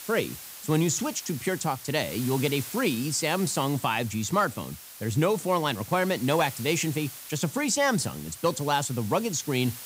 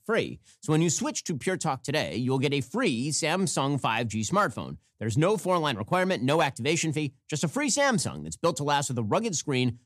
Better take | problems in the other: second | hiss; noticeable; throughout; 15 dB below the speech

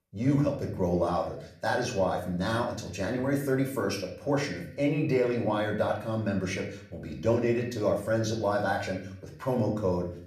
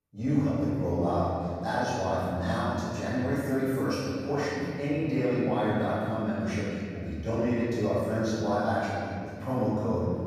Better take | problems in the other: first | room echo; strong; dies away in 2.2 s; slight in the first // off-mic speech; far; somewhat distant in the first

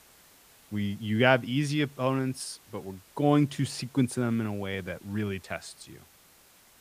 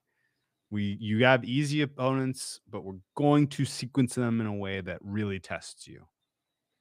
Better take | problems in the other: second | hiss; faint; throughout; 25 dB below the speech

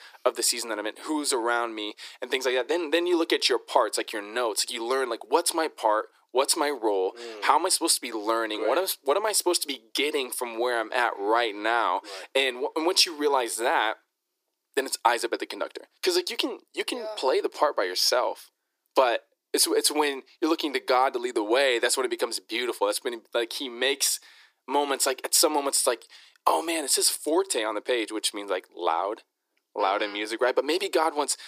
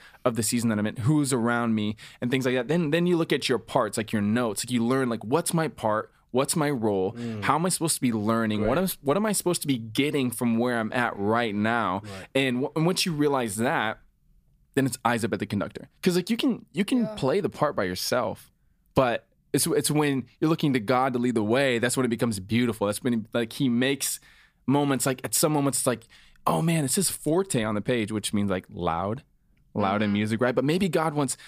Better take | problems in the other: second | thin; very; fading below 350 Hz

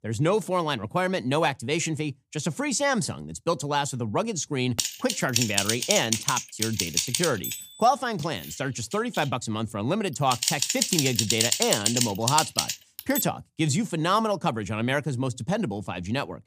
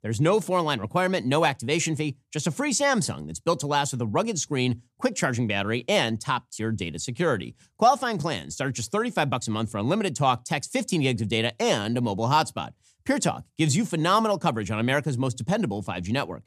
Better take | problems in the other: second | keyboard typing; loud; from 5 to 13 s; peak 5 dB above the speech

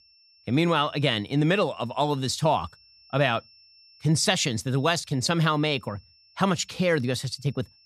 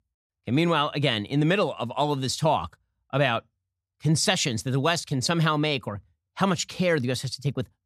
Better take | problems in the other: second | high-pitched whine; faint; throughout; 5.5 kHz, 30 dB below the speech

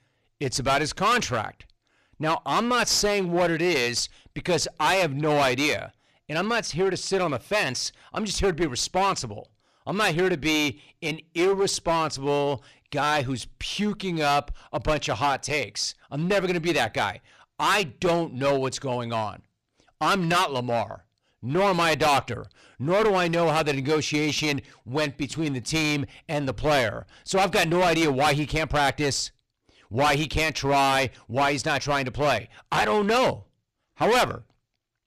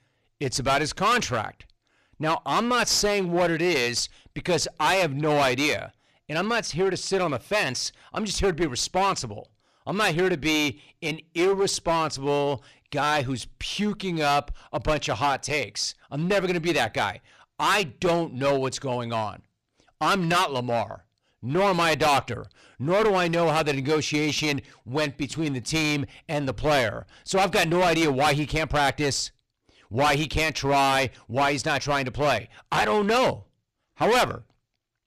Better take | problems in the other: neither | distortion; heavy; 11% of the sound clipped; the same in both

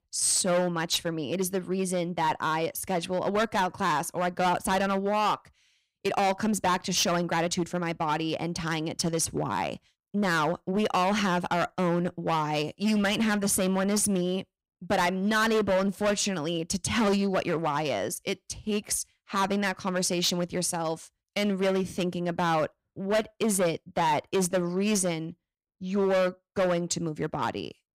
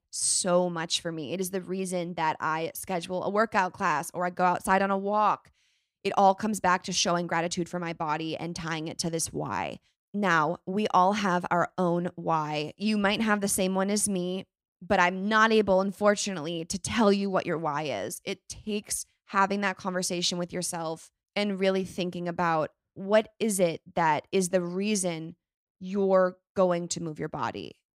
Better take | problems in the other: second | distortion; heavy; 11% of the sound clipped

